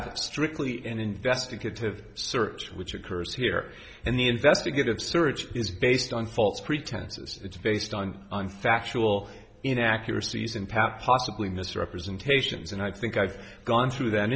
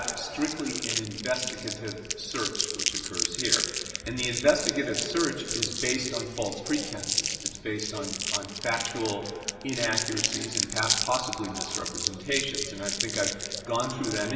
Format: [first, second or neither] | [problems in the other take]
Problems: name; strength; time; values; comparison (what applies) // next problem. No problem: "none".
first | background sound (Crumpling, crinkling); 1 dB below the speech // room echo; dies away in 2.7 s